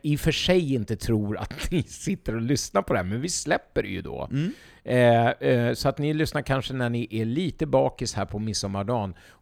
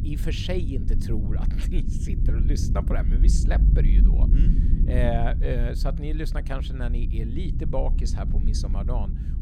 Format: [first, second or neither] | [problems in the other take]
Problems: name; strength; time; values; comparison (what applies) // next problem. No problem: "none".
first | low rumble; loud; throughout; 6 dB below the speech